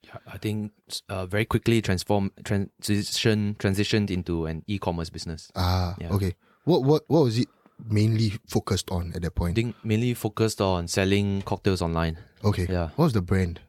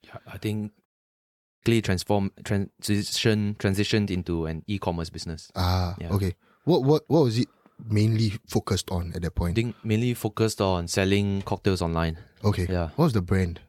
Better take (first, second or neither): first